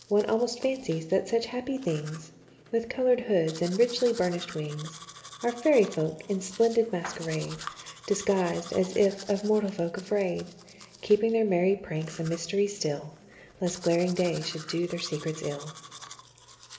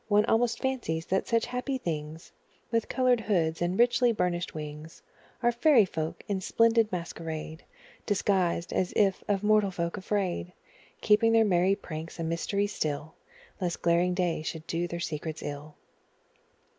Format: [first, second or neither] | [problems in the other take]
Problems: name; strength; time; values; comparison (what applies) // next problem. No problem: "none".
second | background sound (Domestic sounds, home sounds); 18 dB below the speech // room echo; dies away in 2.8 s